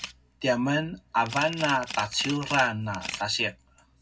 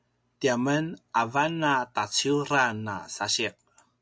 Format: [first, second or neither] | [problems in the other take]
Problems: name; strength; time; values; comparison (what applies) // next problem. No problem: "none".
second | background sound (Camera); 13 dB below the speech // room echo; dies away in 0.3 s